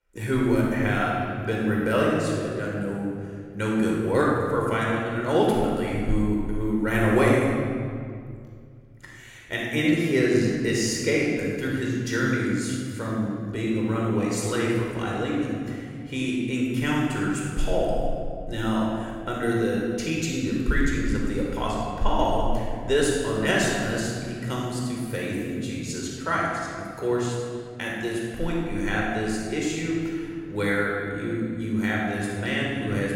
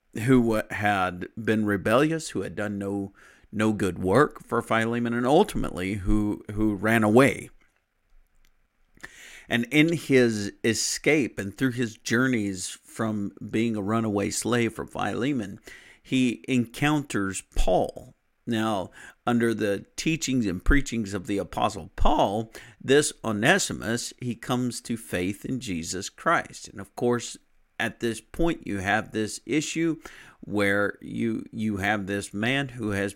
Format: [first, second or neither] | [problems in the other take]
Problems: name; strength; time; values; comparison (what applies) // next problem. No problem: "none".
second | off-mic speech; far // room echo; strong; dies away in 2.1 s